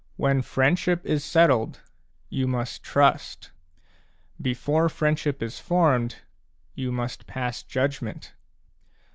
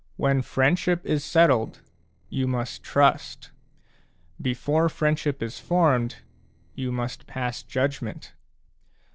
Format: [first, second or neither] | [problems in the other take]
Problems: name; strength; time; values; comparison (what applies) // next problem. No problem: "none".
first | noise reduction (neural separator model SepFormer DNS4)